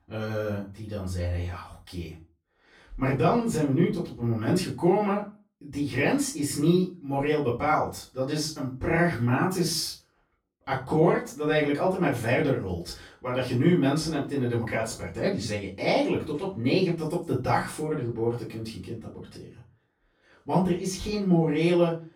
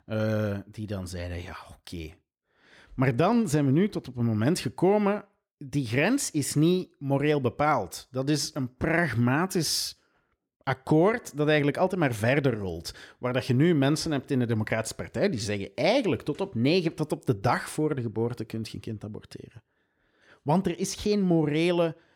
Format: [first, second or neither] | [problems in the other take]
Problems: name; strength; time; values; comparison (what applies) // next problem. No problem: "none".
second | off-mic speech; far // room echo; slight; dies away in 0.3 s